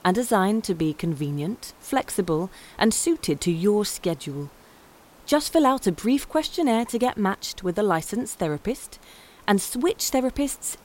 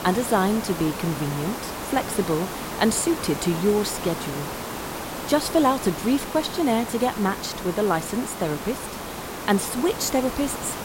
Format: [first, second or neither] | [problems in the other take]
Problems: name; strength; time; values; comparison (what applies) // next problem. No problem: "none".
first | hiss; loud; throughout; 7 dB below the speech; faint in the first